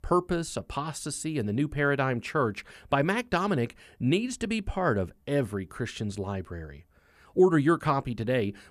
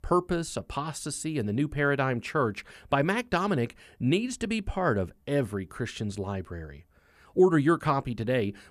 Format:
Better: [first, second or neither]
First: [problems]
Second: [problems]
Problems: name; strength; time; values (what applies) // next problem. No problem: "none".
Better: neither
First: none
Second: none